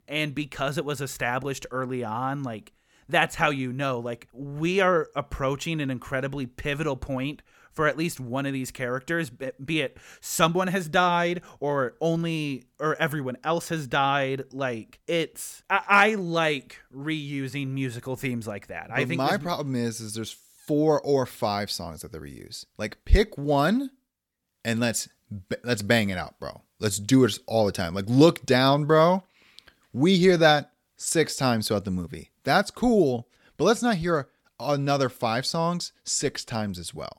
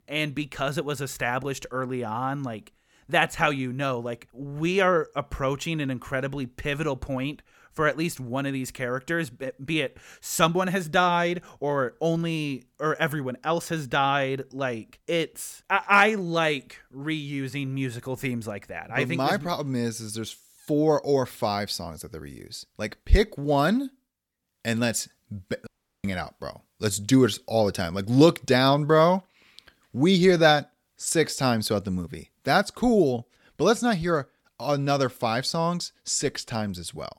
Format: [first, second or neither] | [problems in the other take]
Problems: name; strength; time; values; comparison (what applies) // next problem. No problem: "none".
first | audio cutting out; at 26 s